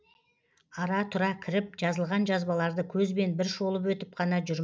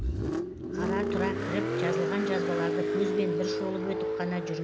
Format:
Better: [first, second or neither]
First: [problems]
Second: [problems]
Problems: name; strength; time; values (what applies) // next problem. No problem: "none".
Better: first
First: none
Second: background sound (Car); 4 dB above the speech